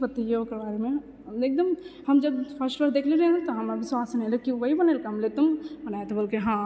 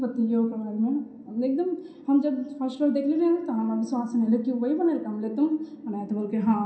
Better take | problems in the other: first | room echo; dies away in 0.6 s

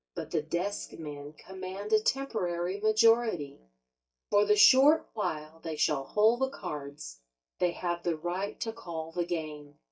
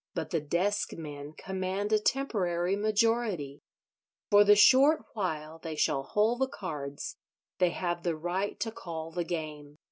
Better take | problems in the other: second | noise reduction (neural mask model DeepFilterNet 3)

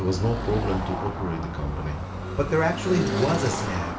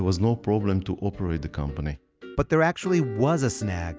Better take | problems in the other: second | background sound (Car passing by / Traffic noise, roadway noise); 4 dB below the speech // room echo; dies away in 0.4 s

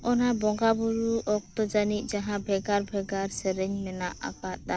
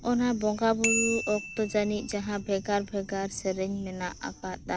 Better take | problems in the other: first | background sound (Bicycle bell); 8 dB below the speech

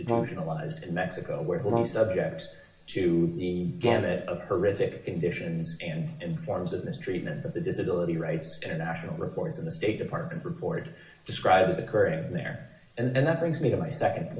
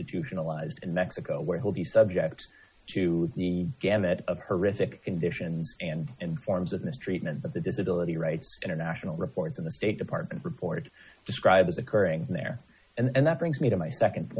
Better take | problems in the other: second | background sound (Brass instrument); 5 dB below the speech // room echo; dies away in 0.7 s

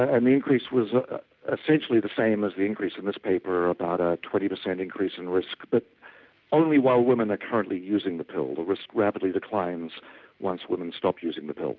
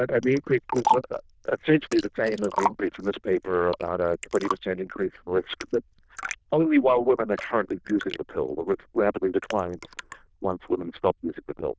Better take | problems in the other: first | noise reduction (neural diffusion model UNIVERSE++)

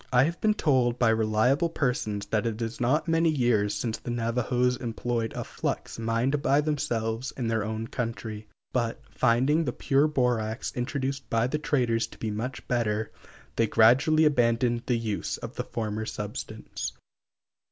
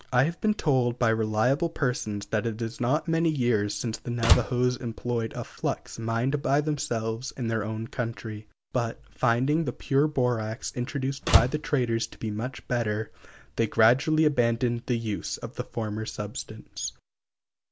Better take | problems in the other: first | background sound (Slam); 1 dB above the speech

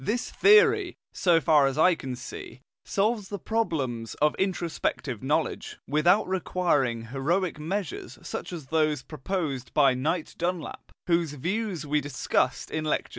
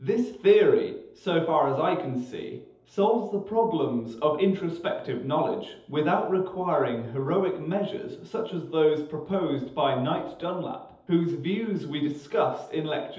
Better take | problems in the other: first | room echo; dies away in 0.8 s

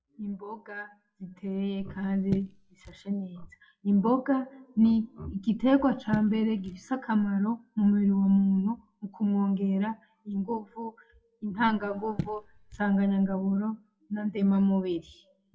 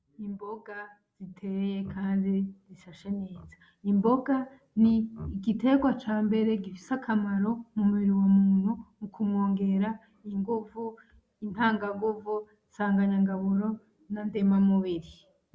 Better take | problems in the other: second | noise reduction (classical method WPE with log-MMSE)

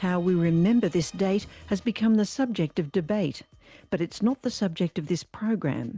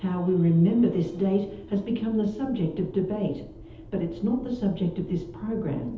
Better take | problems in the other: first | background sound (Engine); 18 dB below the speech // room echo; dies away in 0.8 s

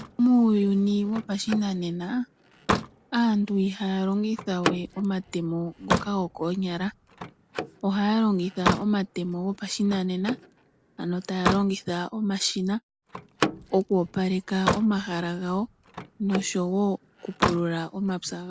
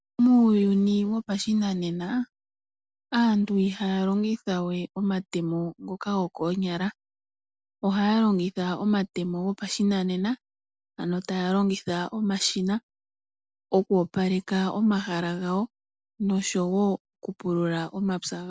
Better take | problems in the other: second | background sound (Slam); 7 dB below the speech

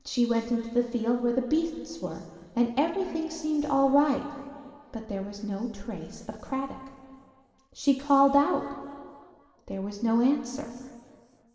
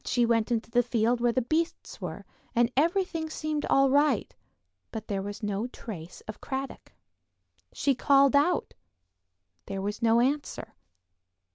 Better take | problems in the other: second | room echo; dies away in 2.1 s

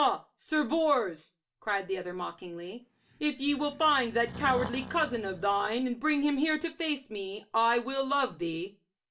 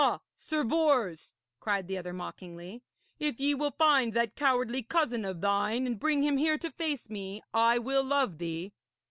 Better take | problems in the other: second | background sound (Breathing); 14 dB below the speech // room echo; dies away in 0.2 s

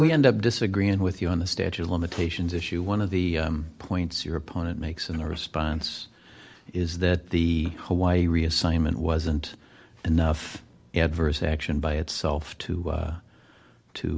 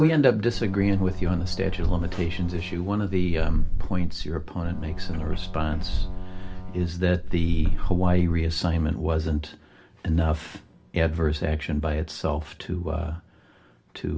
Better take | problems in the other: first | background sound (Boat, Water vehicle); 1 dB above the speech // room echo; dies away in 0.2 s

